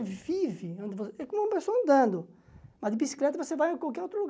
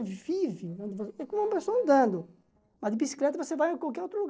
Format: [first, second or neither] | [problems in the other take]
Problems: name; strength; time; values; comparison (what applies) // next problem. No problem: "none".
first | noise reduction (neural separator model SepFormer DNS4)